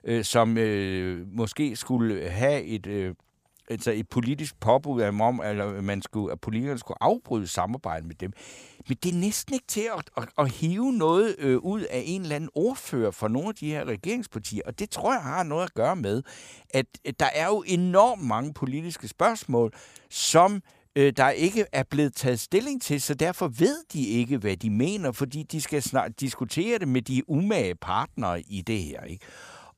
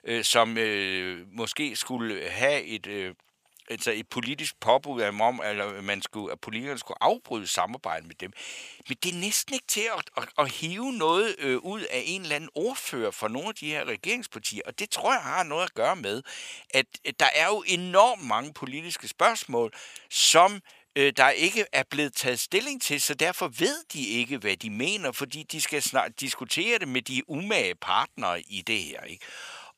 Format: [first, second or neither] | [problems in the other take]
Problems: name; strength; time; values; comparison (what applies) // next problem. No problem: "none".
first | thin; somewhat; fading below 900 Hz